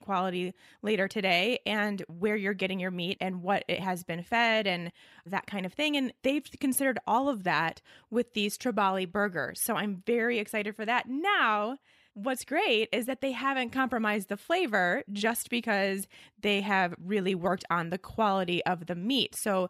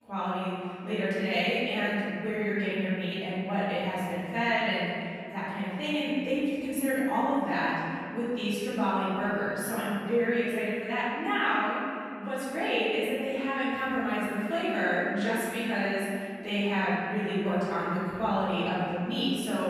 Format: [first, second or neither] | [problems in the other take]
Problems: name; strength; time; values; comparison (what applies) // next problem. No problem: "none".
first | off-mic speech; far // room echo; strong; dies away in 2.7 s